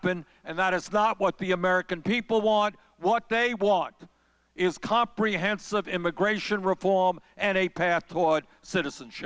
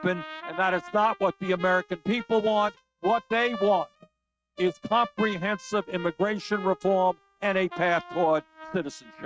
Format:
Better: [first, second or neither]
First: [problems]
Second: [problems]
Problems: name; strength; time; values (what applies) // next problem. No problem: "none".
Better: first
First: none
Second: noise reduction (neural mask model RNNoise)